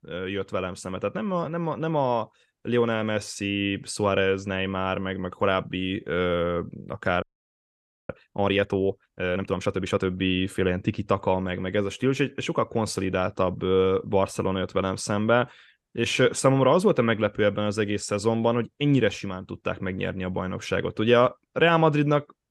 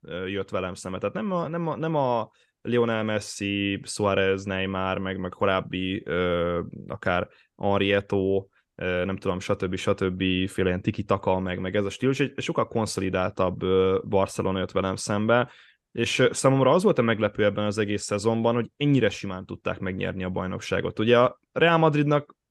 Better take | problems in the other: second | audio freezing; at 7 s for 1 s

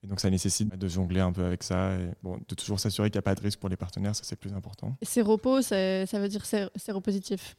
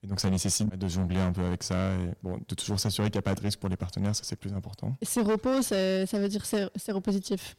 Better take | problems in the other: first | distortion; slight; 7% of the sound clipped

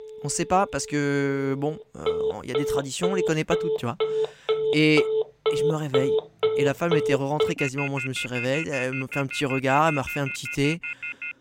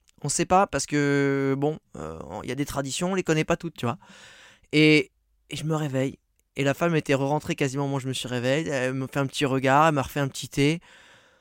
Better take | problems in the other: second | alarms or sirens; loud; throughout; 2 dB below the speech

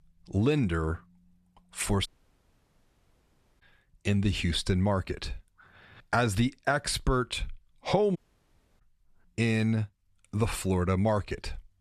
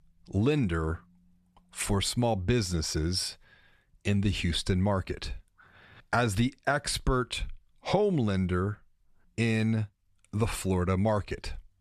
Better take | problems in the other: second | audio cutting out; at 2 s for 1.5 s and at 8 s for 0.5 s

